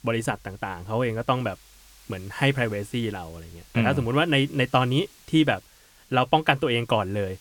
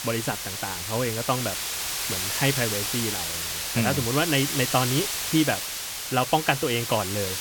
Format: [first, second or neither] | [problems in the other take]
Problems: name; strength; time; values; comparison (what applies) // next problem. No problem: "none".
first | hiss; loud; throughout; 1 dB below the speech; faint in the first